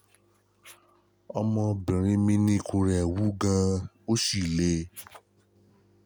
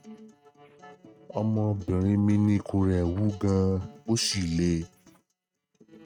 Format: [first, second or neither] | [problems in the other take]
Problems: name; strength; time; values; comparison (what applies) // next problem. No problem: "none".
first | noise reduction (neural mask model RNNoise)